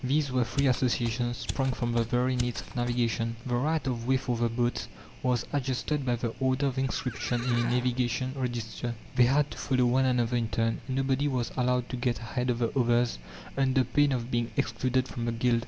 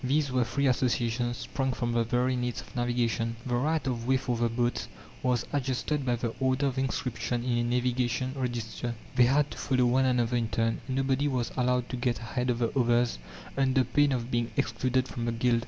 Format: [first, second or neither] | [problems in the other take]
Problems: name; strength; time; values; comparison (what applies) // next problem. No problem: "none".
second | background sound (Livestock, farm animals, working animals + Mechanisms); 13 dB below the speech